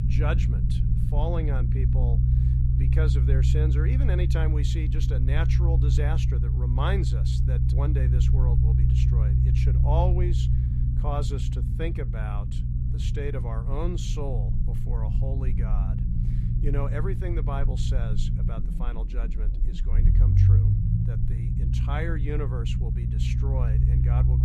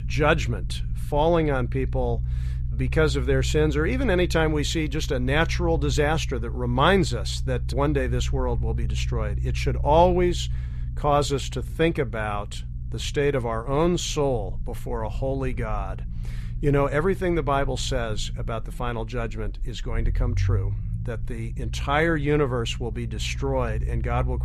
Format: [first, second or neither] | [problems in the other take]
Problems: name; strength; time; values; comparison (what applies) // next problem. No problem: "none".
second | low rumble; loud; throughout; 2 dB below the speech; faint in the second